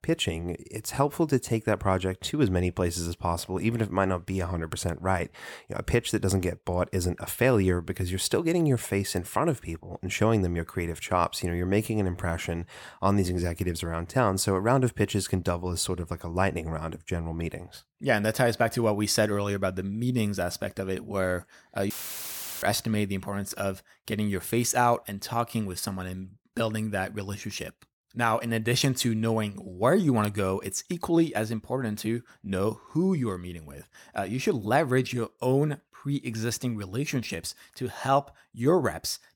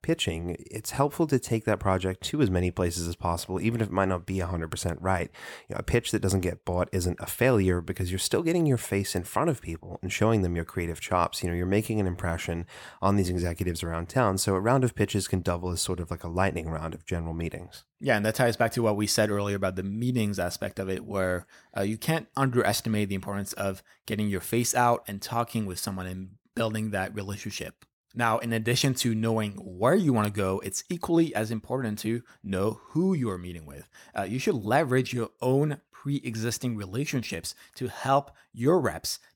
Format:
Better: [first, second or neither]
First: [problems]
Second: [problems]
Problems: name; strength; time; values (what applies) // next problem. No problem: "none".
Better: second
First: audio cutting out; filled with static; at 22 s for 0.5 s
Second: none